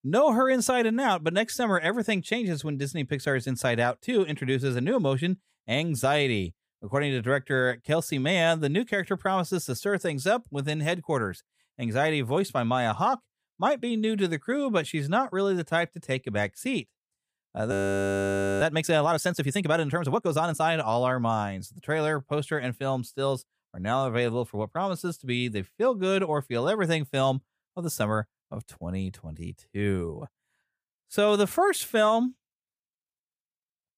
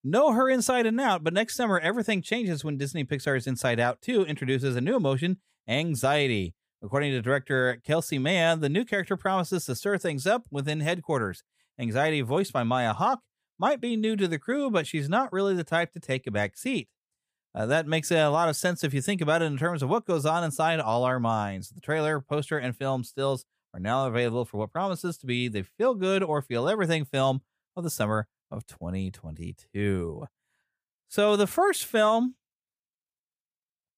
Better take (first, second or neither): second